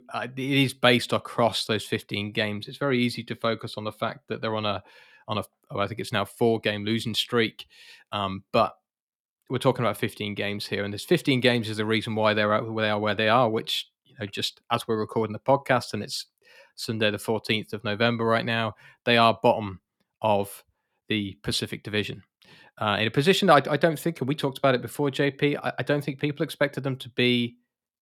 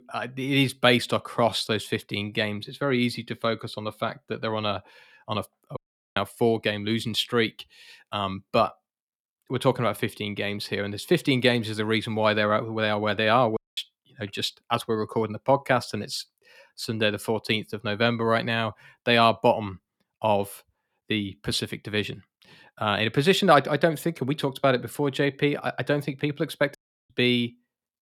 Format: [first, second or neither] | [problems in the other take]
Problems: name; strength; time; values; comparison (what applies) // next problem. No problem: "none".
first | audio cutting out; at 6 s, at 14 s and at 27 s